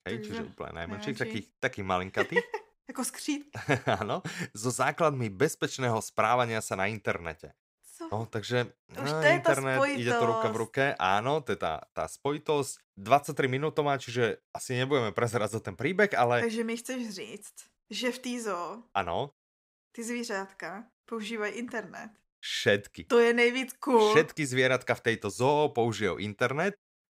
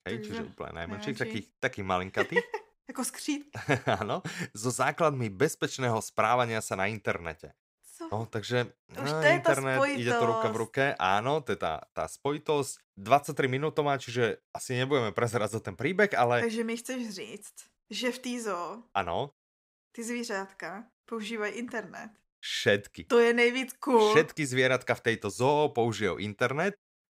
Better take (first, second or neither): neither